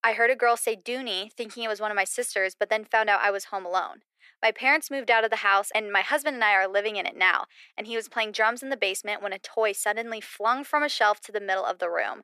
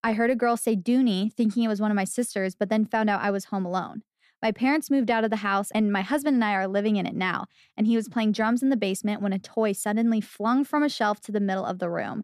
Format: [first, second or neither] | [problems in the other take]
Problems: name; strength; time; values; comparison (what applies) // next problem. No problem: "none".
second | thin; very; fading below 450 Hz